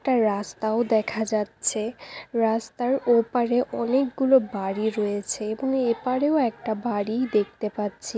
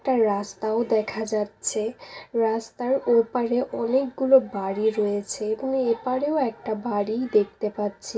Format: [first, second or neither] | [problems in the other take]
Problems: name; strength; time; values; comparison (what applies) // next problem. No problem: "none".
first | room echo; dies away in 0.2 s